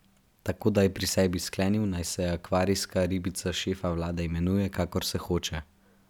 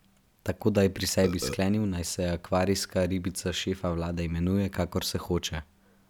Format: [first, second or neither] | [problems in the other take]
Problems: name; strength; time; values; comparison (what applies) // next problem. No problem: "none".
first | background sound (Burping, eructation); 6 dB below the speech